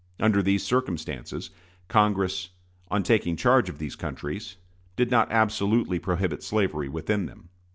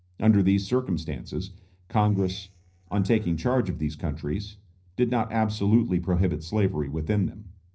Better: first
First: none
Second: noise reduction (neural separator model SepFormer DNS4)

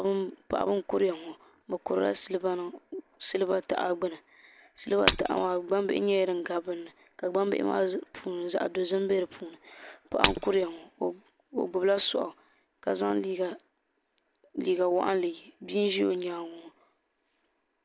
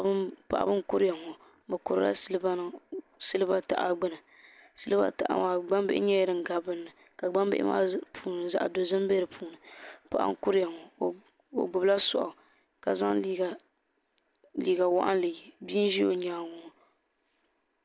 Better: second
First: background sound (Shatter); 4 dB below the speech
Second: none

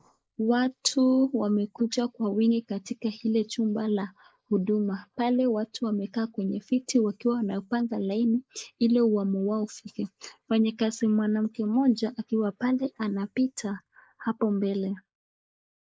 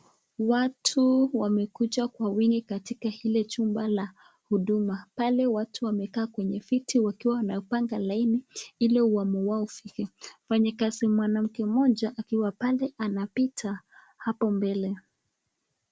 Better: second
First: noise reduction (neural mask model Resemble Enhance denoiser)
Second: none

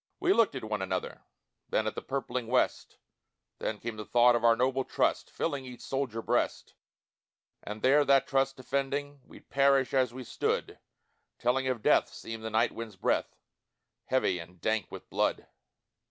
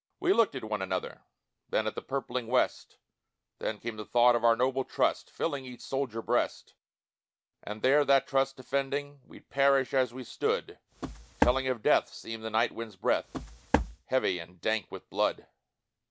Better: first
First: none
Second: background sound (Walk, footsteps); 2 dB below the speech

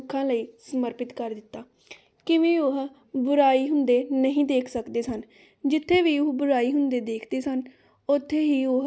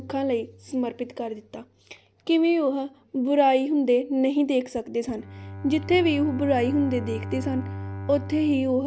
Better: first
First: none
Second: background sound (Bowed string instrument); 13 dB below the speech

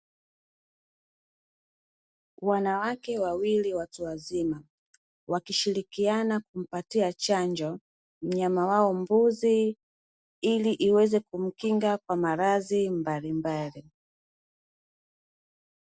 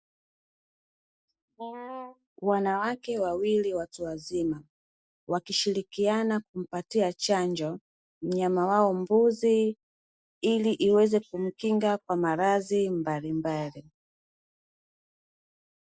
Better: first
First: none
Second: noise reduction (neural mask model Resemble Enhance denoiser)

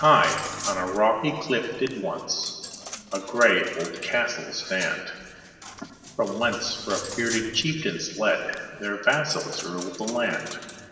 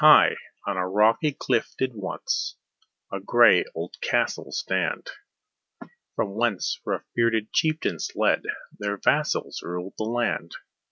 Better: second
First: background sound (Coin (dropping)); 14 dB below the speech // room echo; dies away in 2.3 s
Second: none

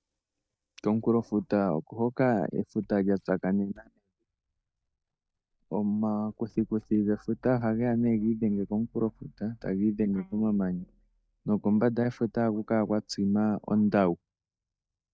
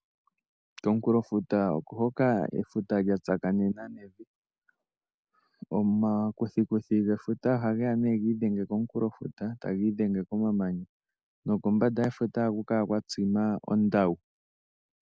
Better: second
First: noise reduction (neural mask model DeepFilterNet 3)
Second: none

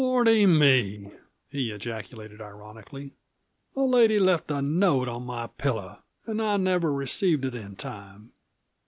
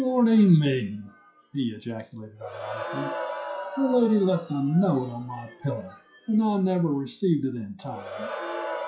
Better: first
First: none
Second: noise reduction (classical method WPE with log-MMSE)

